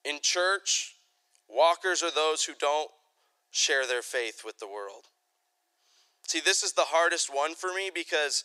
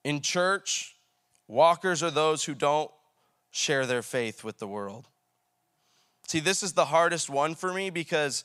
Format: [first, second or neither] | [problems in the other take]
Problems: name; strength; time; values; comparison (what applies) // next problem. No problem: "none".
second | thin; very; fading below 350 Hz